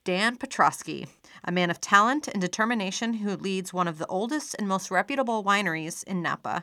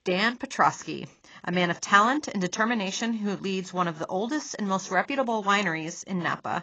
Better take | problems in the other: first | garbled, watery; badly

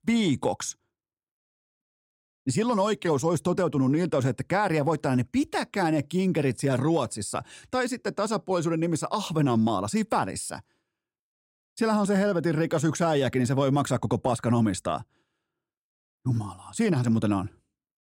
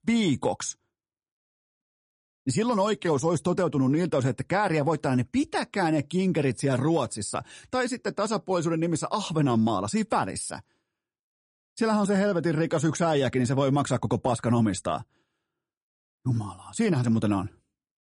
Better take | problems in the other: first | garbled, watery; slightly; nothing above 10.5 kHz

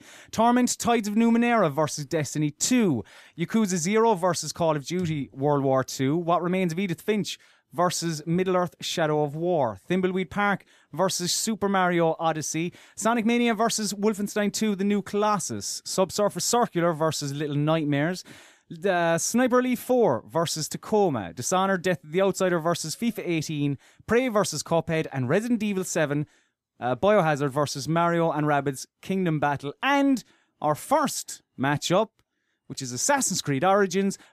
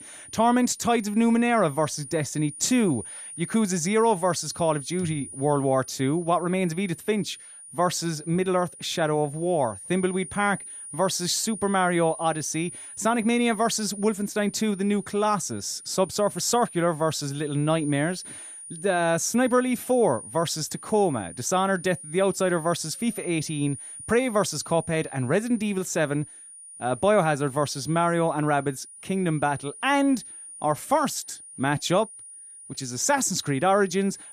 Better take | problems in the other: first | high-pitched whine; noticeable; throughout; 9.5 kHz, 15 dB below the speech

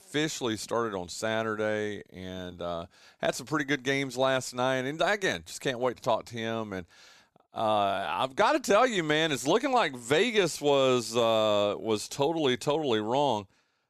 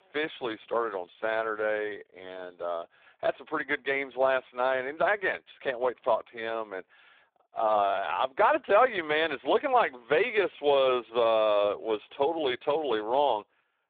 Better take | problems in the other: first | phone-call audio; poor line

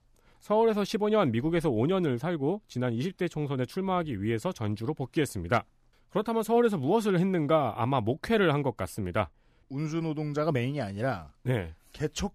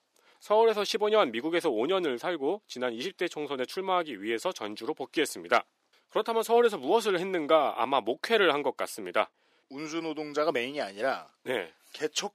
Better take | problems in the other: first | thin; somewhat; fading below 350 Hz

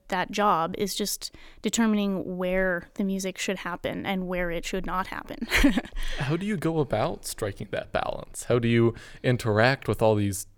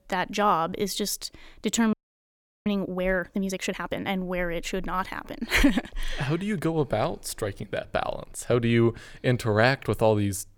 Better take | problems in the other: first | audio freezing; at 2 s for 0.5 s

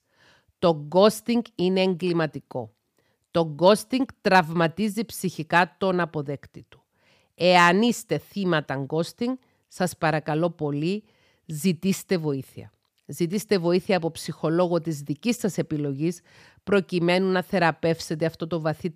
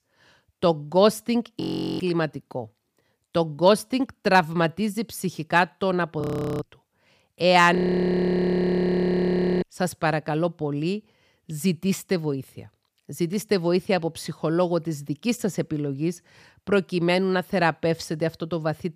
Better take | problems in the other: first | audio freezing; at 1.5 s, at 6 s and at 8 s for 2 s

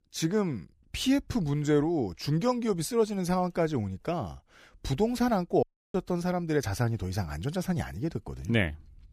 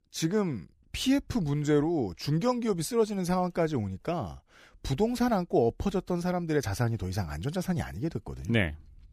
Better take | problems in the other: second | audio cutting out; at 5.5 s

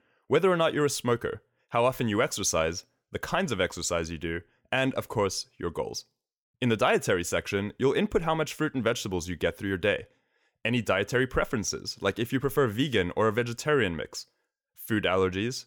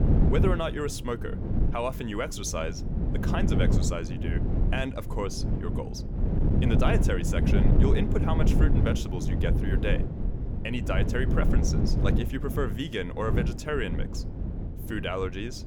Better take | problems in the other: first | wind noise on the microphone; heavy; 4 dB below the speech

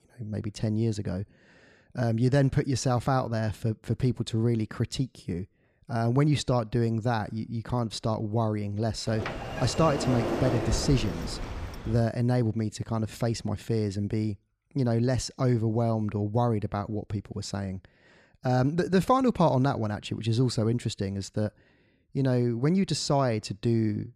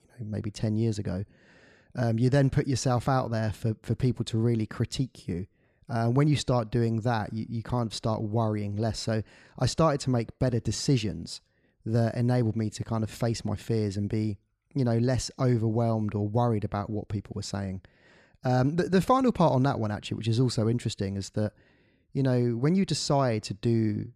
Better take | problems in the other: second | door banging; noticeable; from 9 to 12 s; peak 1 dB below the speech

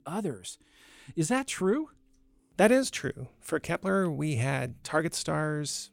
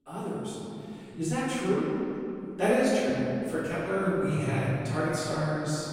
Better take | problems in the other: first | room echo; strong; dies away in 2.6 s // off-mic speech; far

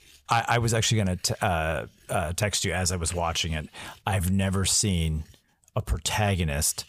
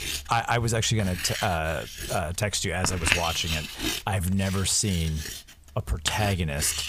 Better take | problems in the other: first | household noises; loud; throughout; 5 dB below the speech; faint in the first

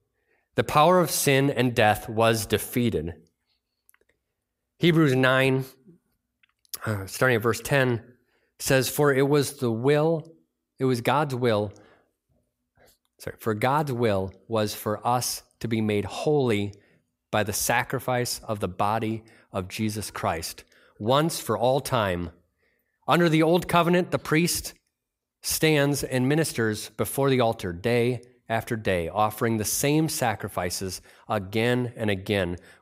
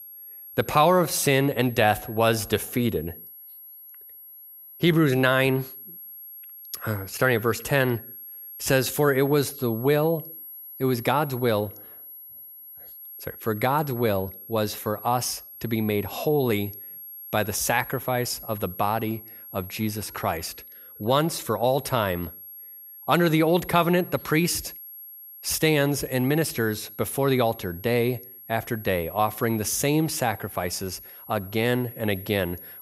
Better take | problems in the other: first | high-pitched whine; noticeable; throughout; 11.5 kHz, 15 dB below the speech

